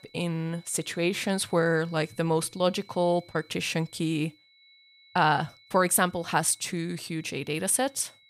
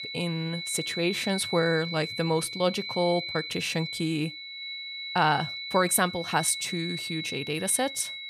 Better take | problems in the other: first | high-pitched whine; loud; throughout; 4 kHz, 6 dB below the speech; faint in the first

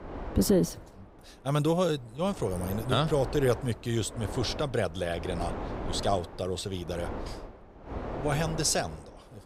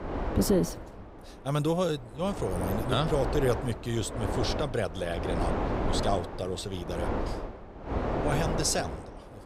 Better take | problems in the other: first | wind noise on the microphone; heavy; 3 dB below the speech; occasional gusts in the first

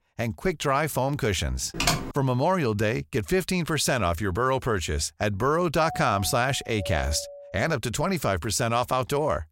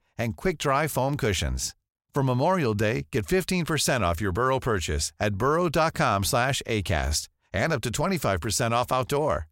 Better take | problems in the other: second | keyboard typing; loud; at 1.5 s; peak 1 dB above the speech // doorbell; faint; from 6 to 8 s; peak 10 dB below the speech

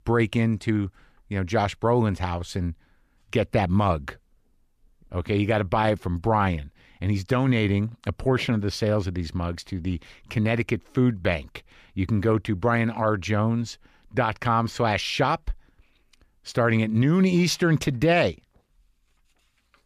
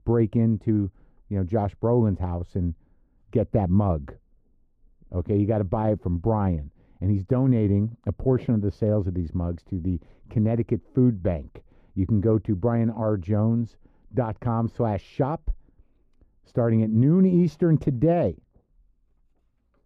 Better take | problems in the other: first | muffled; very; fading above 1 kHz

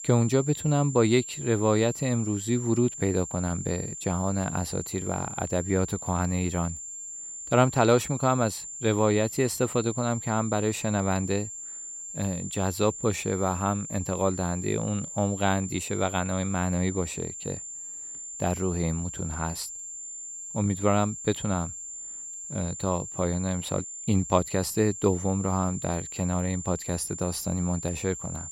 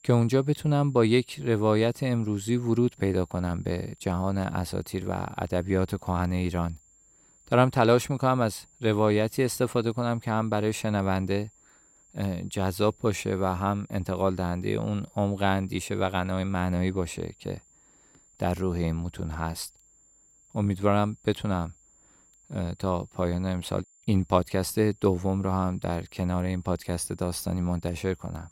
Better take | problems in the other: second | high-pitched whine; loud; throughout; 7.5 kHz, 8 dB below the speech; faint in the second

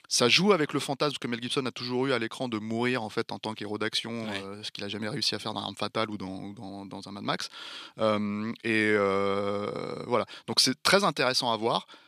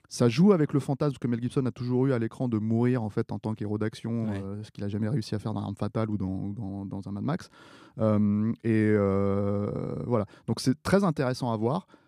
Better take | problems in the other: second | thin; somewhat; fading below 1 kHz

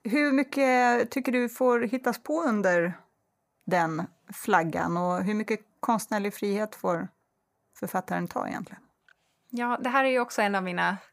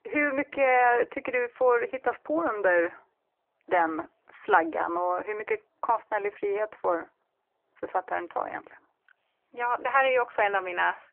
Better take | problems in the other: first | phone-call audio

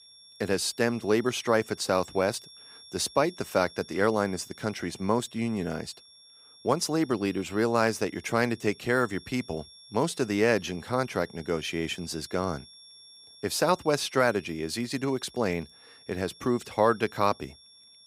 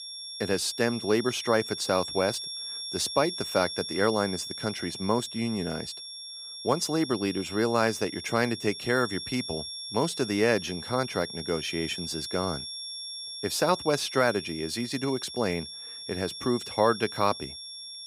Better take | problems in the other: first | high-pitched whine; loud; throughout; 5.5 kHz, 8 dB below the speech; faint in the first

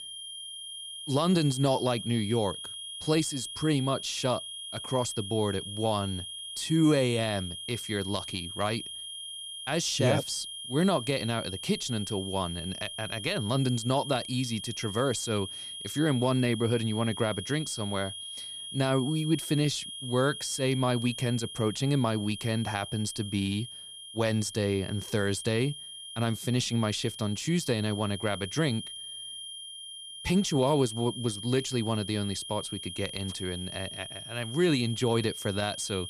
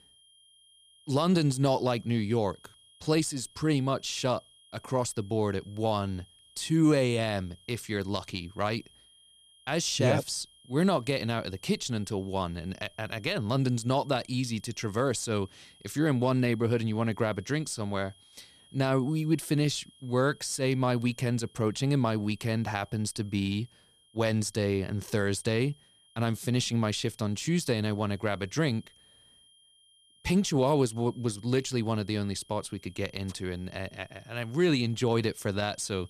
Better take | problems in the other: second | high-pitched whine; loud; throughout; 3 kHz, 9 dB below the speech; faint in the second

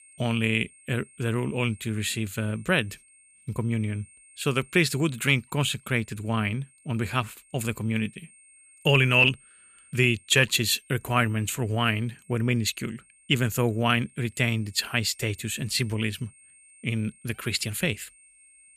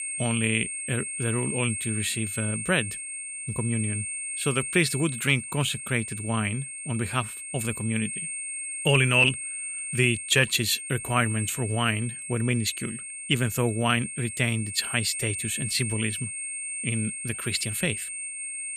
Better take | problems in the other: first | high-pitched whine; loud; throughout; 8.5 kHz, 5 dB below the speech; faint in the first

